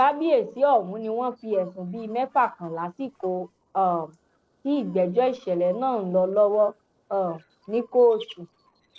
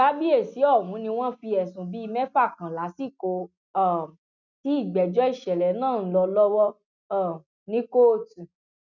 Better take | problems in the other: second | noise reduction (neural separator model SepFormer DNS4)

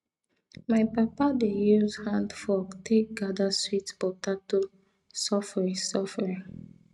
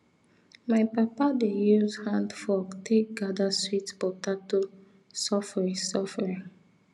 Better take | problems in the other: second | noise reduction (neural mask model RNNoise)

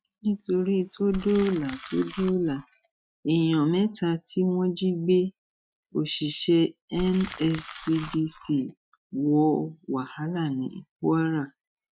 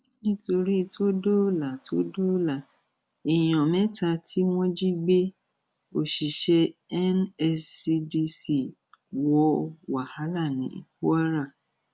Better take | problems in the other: second | noise reduction (classical method Wiener filter)

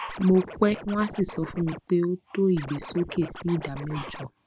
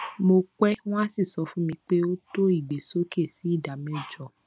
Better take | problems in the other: second | background sound (Scratching (performance technique)); 14 dB below the speech

